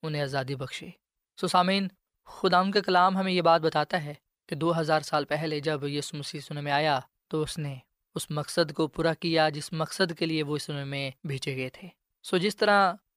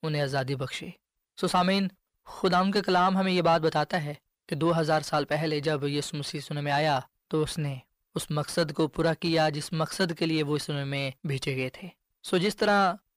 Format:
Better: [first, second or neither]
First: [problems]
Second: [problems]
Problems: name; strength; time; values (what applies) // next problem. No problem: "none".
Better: first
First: none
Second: distortion; slight; 10 dB below the speech